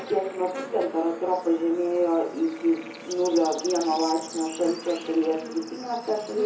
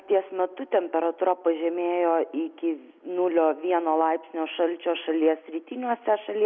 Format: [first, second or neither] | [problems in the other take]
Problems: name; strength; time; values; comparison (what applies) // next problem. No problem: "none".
second | background sound (Bird / Insect); 13 dB below the speech // room echo; dies away in 0.6 s